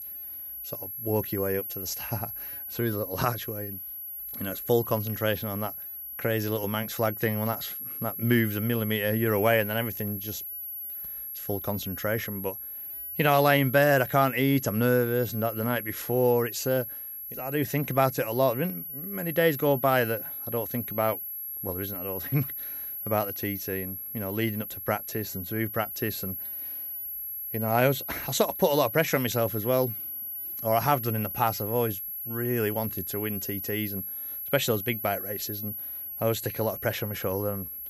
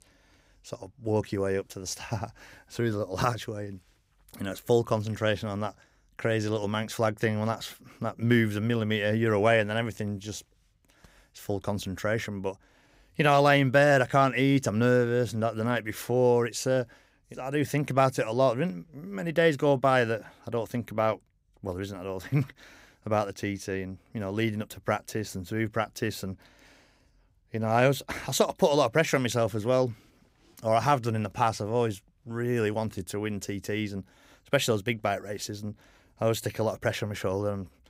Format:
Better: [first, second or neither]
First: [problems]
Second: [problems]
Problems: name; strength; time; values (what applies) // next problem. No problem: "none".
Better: second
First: high-pitched whine; loud; throughout; 11.5 kHz, 6 dB below the speech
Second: none